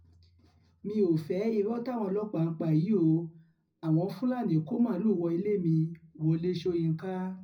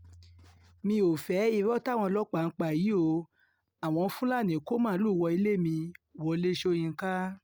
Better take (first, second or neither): second